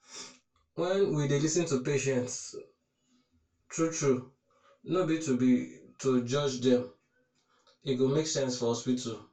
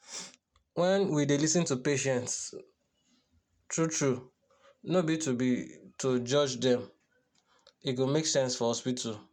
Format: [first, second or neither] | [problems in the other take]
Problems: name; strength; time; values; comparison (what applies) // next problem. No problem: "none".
second | room echo; dies away in 0.2 s